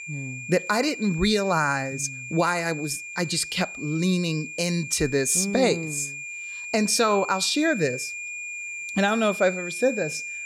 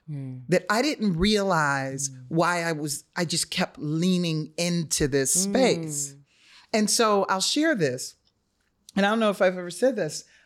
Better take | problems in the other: second | high-pitched whine; loud; throughout; 2.5 kHz, 9 dB below the speech

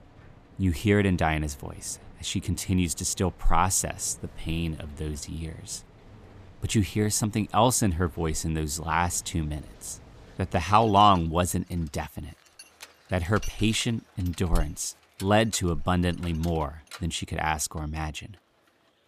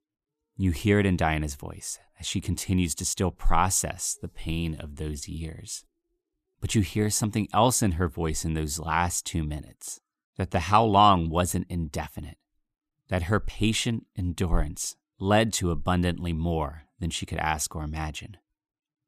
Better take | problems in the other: second | machinery noise; faint; throughout; 25 dB below the speech

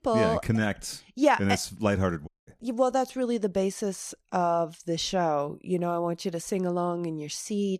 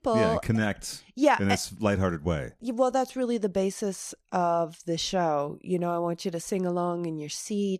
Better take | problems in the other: second | audio cutting out; at 2.5 s

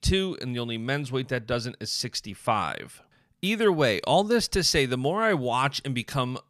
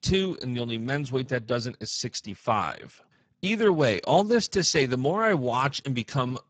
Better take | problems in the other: first | garbled, watery; badly; nothing above 7.5 kHz

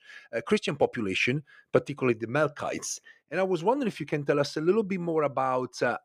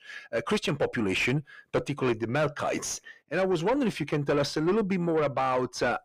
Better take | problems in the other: first | distortion; heavy; 8 dB below the speech

